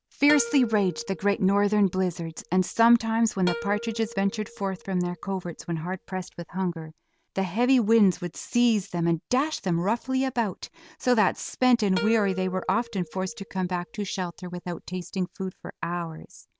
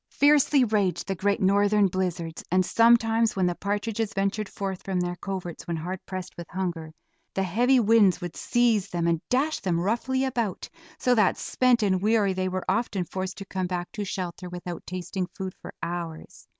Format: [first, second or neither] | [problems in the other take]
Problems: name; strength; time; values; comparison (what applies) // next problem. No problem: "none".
second | background sound (Plucked string instrument); 15 dB below the speech